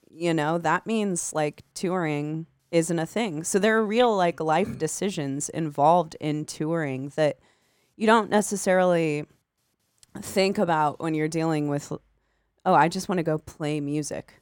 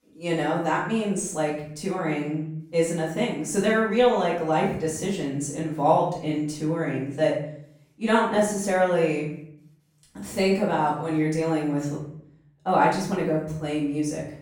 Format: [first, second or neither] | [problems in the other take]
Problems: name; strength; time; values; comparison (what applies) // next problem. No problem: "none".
first | off-mic speech; far // room echo; noticeable; dies away in 0.6 s